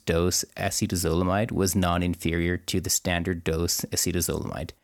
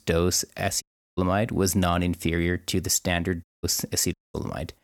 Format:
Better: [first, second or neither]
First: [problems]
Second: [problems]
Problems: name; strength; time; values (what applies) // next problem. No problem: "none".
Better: first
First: none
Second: audio cutting out; at 1 s, at 3.5 s and at 4 s